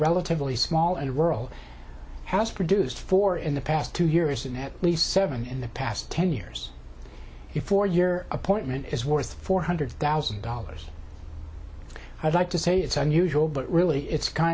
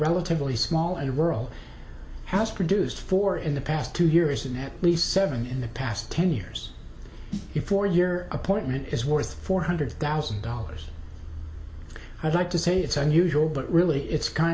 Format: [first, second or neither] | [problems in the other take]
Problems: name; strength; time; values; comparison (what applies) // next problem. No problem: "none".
first | background sound (Snare drum); 16 dB below the speech // room echo; dies away in 2 s